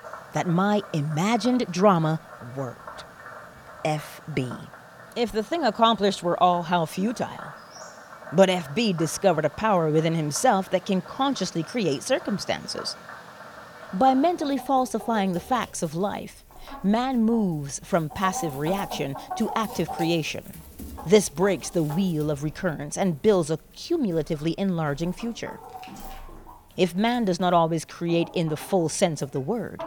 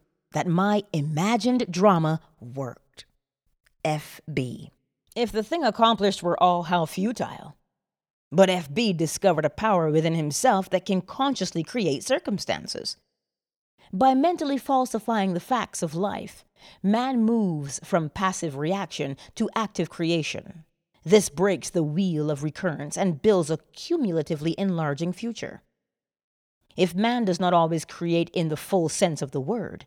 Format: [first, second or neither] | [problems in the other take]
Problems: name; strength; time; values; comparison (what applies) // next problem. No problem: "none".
second | animal sounds; noticeable; throughout; 15 dB below the speech